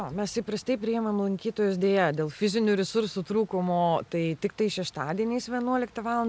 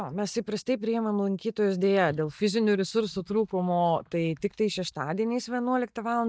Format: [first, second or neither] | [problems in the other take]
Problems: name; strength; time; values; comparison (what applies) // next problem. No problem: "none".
first | noise reduction (neural mask model DeepFilterNet 3)